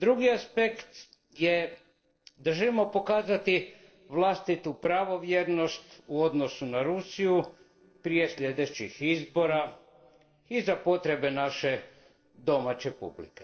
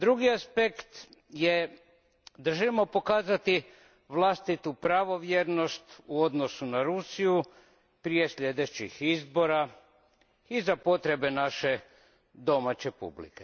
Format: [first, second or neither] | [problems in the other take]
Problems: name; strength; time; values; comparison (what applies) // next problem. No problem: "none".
second | noise reduction (neural separator model SepFormer DNS4)